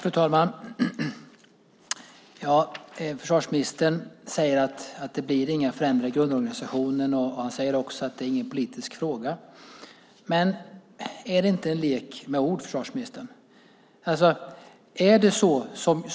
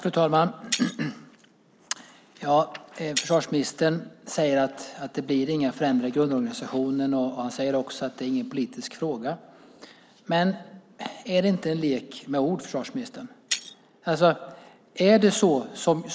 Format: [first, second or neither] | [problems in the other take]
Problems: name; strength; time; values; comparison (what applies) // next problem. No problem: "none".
first | noise reduction (neural mask model Resemble Enhance denoiser)